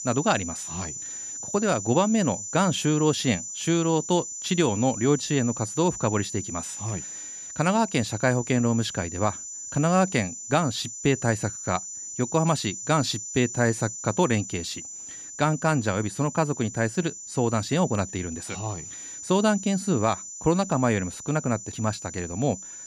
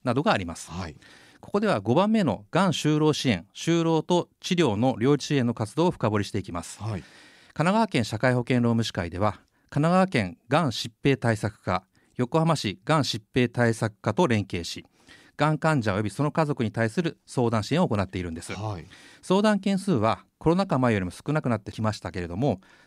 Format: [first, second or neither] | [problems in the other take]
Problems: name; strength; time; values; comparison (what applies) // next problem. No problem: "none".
second | high-pitched whine; loud; throughout; 7 kHz, 9 dB below the speech